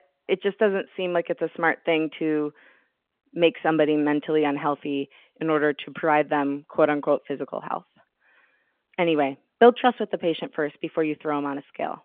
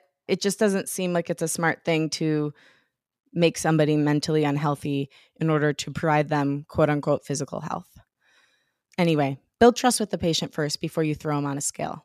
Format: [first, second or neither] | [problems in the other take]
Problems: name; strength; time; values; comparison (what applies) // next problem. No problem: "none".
second | phone-call audio